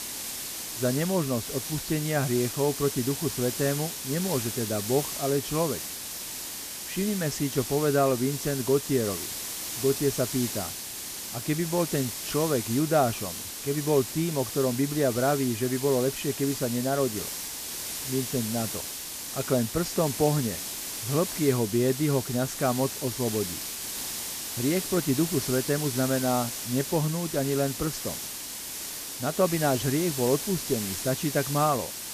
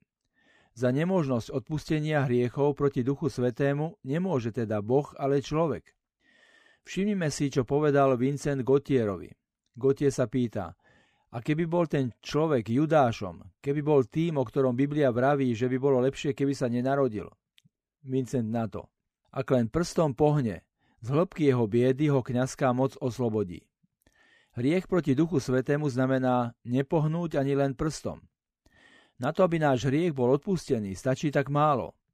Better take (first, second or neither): second